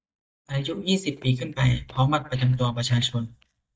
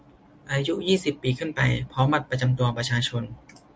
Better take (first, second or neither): second